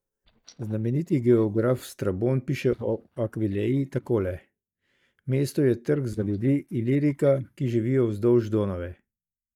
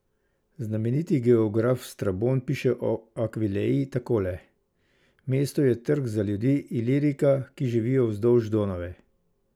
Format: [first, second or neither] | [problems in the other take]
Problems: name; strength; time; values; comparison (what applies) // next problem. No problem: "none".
second | noise reduction (neural mask model DeepFilterNet 3)